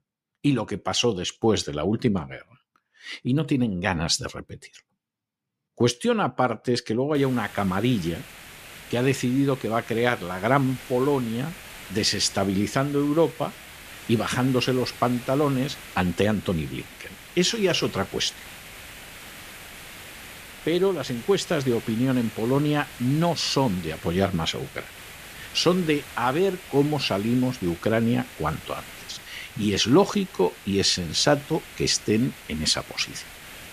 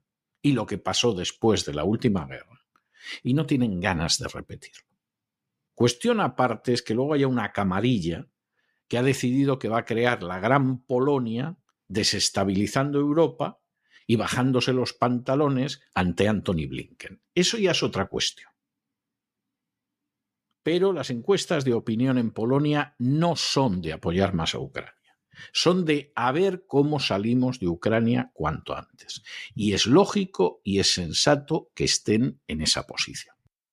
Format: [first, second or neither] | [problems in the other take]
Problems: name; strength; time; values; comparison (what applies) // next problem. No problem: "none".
second | hiss; noticeable; from 7 s on; 15 dB below the speech